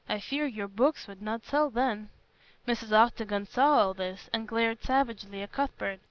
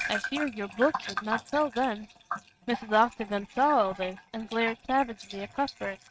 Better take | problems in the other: first | noise reduction (neural mask model RNNoise)

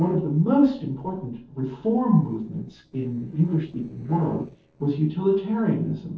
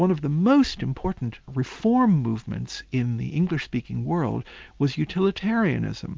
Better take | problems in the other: second | noise reduction (neural separator model SepFormer DNS4)

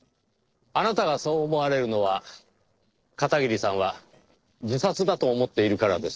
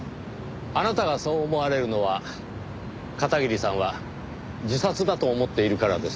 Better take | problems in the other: second | noise reduction (neural separator model SepFormer DNS4)

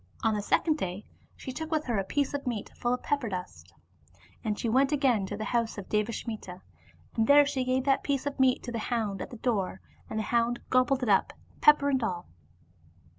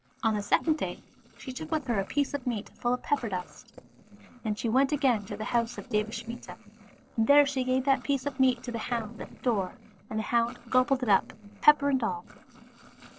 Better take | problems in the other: first | noise reduction (neural separator model SepFormer DNS4)

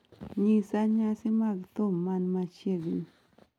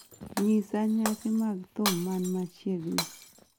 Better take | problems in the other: first | background sound (Shatter); 9 dB below the speech

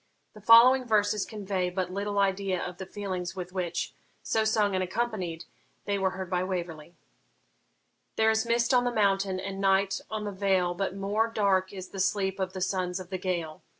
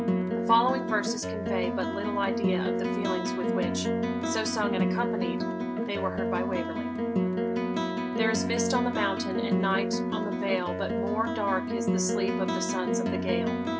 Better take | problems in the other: first | background sound (Plucked string instrument); 4 dB above the speech

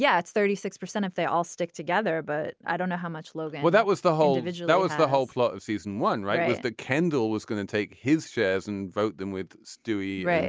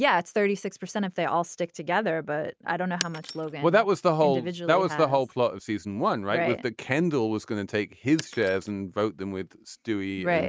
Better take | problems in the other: first | noise reduction (neural mask model RNNoise)

